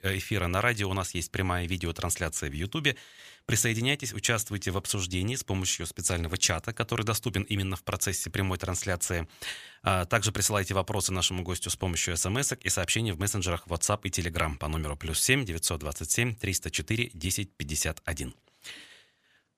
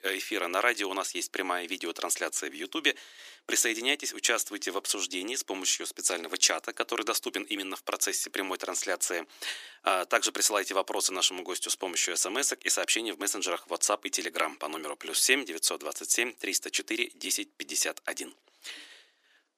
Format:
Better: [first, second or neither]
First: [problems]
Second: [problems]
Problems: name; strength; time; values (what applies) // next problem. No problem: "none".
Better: first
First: none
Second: thin; somewhat; fading below 300 Hz